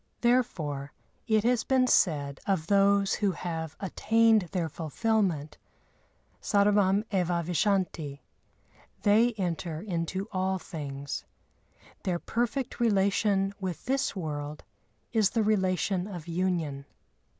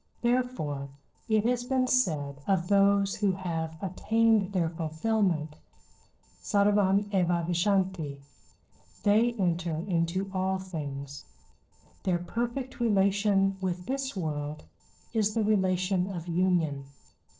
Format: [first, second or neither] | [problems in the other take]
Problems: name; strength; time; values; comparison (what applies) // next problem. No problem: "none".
first | noise reduction (neural separator model SepFormer DNS4)